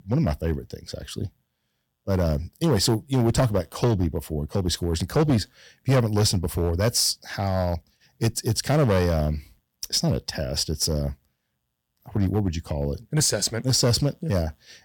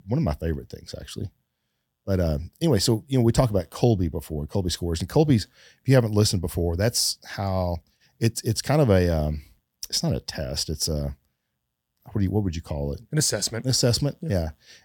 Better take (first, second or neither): second